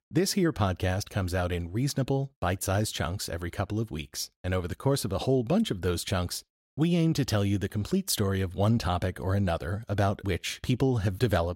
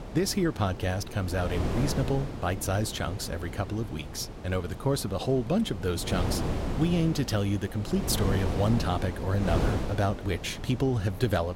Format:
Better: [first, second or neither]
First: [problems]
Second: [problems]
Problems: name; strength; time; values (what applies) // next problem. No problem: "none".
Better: first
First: none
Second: wind noise on the microphone; heavy; 7 dB below the speech